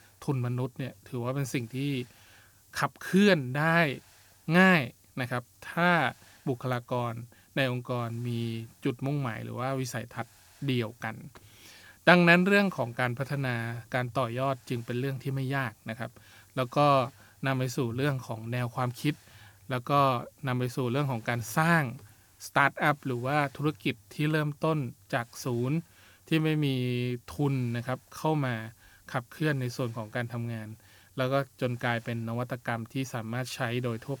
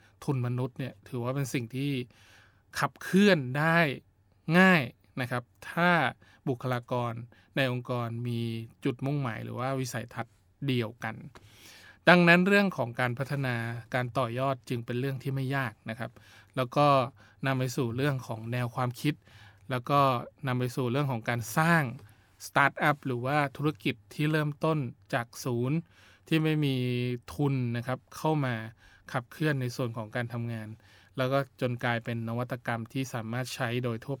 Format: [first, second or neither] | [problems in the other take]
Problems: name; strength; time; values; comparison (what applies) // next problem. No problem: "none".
second | hiss; faint; throughout; 30 dB below the speech